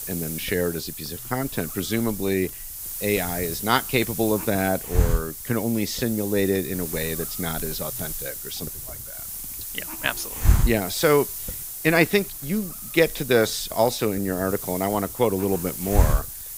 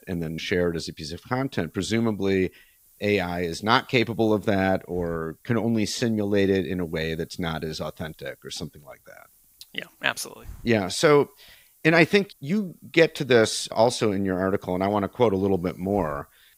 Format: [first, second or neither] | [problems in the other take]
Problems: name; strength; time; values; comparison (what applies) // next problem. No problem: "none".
second | hiss; loud; throughout; 5 dB below the speech; faint in the second